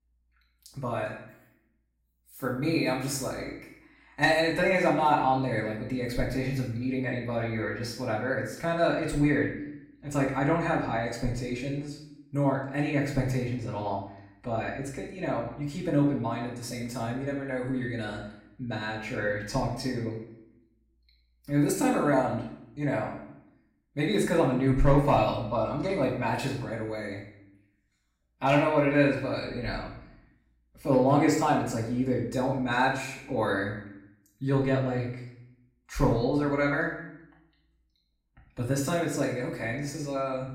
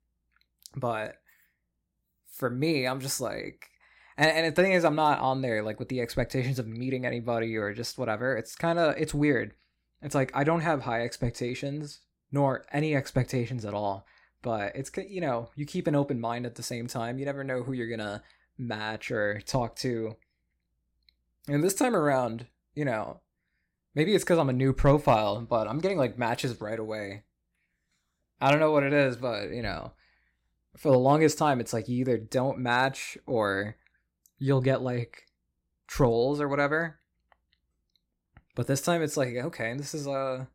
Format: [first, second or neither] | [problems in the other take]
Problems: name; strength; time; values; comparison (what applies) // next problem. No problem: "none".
second | room echo; noticeable; dies away in 0.6 s // off-mic speech; far